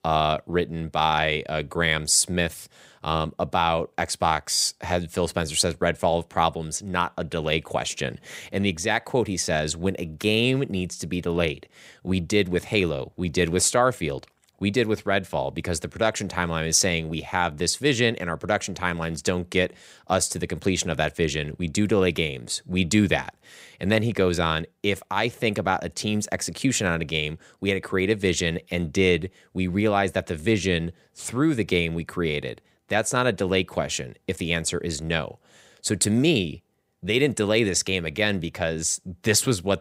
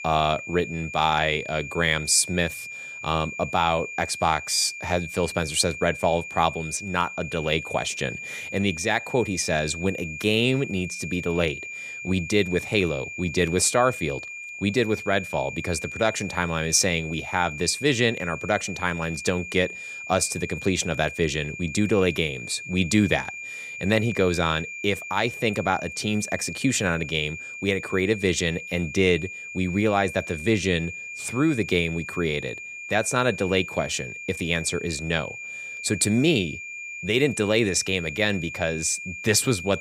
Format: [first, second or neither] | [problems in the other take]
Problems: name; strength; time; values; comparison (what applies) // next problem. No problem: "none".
first | high-pitched whine; loud; throughout; 2.5 kHz, 10 dB below the speech